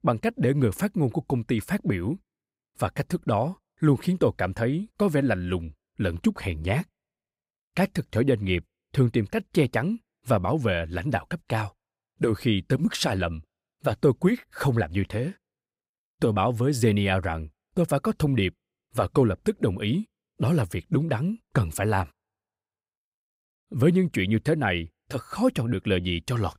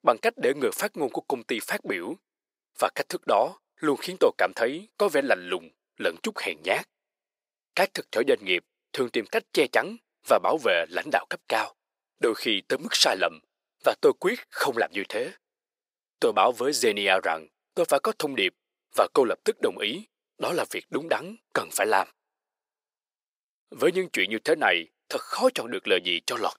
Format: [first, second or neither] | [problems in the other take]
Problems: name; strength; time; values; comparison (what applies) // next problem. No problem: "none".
first | thin; very; fading below 400 Hz